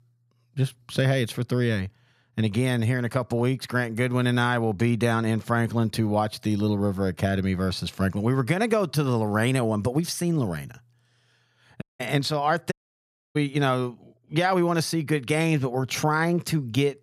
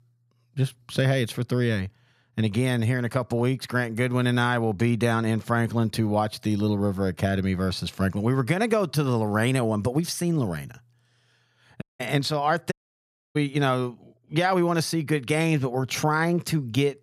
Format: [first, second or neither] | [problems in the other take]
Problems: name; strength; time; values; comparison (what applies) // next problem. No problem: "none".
neither | audio cutting out; at 12 s and at 13 s for 0.5 s; the same in both